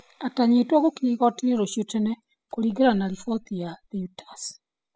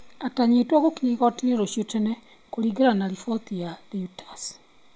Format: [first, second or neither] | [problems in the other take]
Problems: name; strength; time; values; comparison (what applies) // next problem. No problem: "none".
second | noise reduction (classical method spectral subtraction)